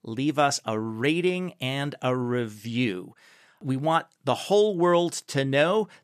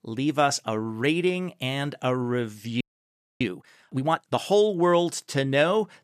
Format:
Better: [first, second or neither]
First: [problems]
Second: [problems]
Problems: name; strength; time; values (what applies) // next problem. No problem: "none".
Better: first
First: none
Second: audio freezing; at 3 s for 0.5 s